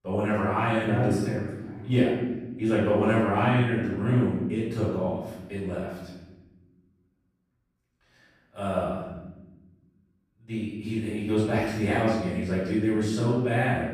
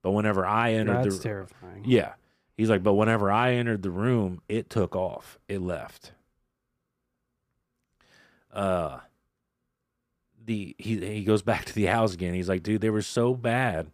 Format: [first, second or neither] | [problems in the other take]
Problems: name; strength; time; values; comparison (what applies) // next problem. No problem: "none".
second | room echo; noticeable; dies away in 1.3 s // off-mic speech; far